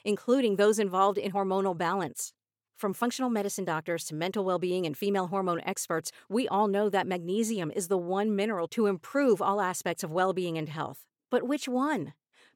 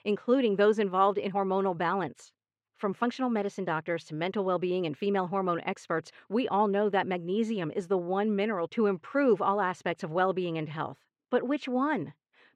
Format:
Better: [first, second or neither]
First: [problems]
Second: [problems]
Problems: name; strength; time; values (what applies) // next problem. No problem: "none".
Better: first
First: none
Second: muffled; slightly; fading above 2.5 kHz